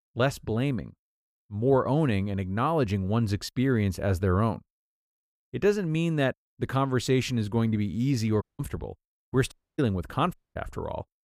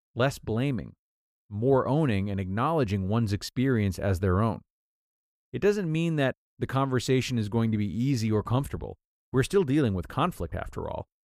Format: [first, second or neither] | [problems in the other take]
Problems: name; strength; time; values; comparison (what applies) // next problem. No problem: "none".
second | audio cutting out; at 8.5 s, at 9.5 s and at 10 s